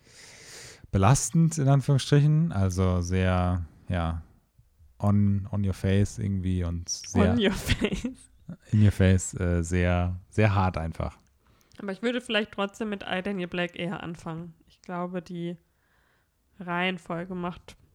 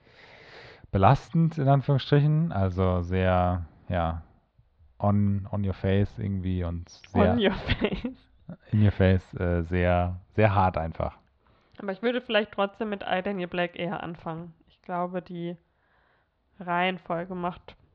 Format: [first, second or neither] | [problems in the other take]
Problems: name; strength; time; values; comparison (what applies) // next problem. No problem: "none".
first | muffled; very; fading above 4 kHz